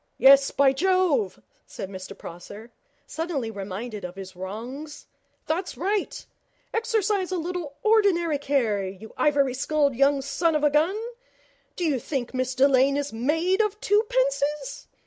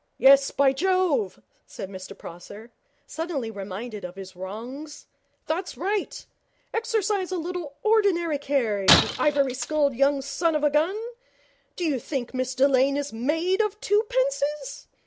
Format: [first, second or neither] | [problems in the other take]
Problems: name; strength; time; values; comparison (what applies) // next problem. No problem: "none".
first | background sound (Shatter); 3 dB below the speech